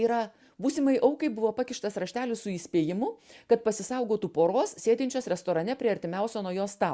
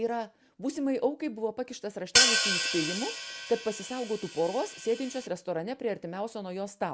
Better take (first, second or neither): first